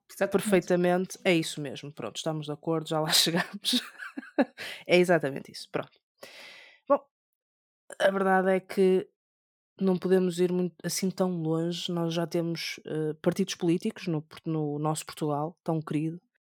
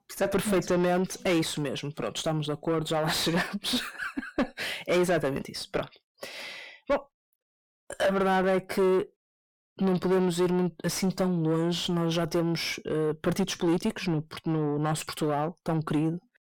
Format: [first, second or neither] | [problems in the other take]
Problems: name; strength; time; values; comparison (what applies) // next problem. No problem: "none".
first | distortion; heavy; 5 dB below the speech